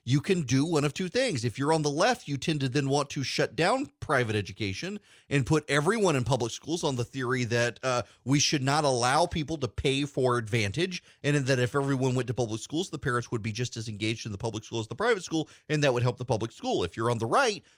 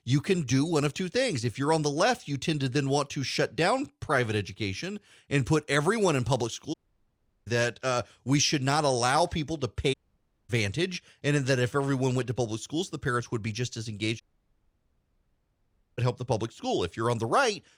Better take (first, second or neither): first